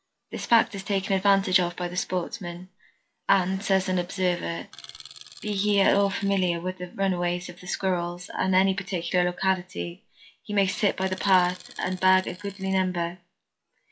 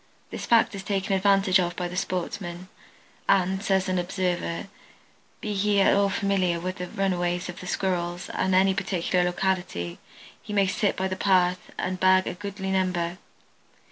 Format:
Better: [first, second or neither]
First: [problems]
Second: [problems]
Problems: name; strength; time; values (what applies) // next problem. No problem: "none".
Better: second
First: noise reduction (classical method log-MMSE)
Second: none